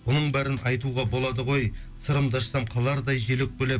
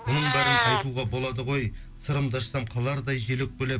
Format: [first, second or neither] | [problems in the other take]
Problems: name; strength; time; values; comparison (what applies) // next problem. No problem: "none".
first | background sound (Meow); 3 dB below the speech